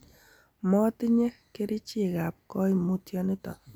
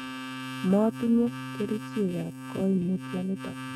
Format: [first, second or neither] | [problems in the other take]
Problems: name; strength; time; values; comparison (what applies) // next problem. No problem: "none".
first | noise reduction (neural mask model RNNoise)